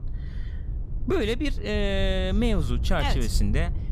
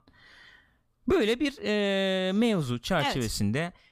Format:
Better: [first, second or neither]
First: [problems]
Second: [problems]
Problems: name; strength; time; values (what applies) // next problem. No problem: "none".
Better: second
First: low rumble; noticeable; throughout; 20 dB below the speech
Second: none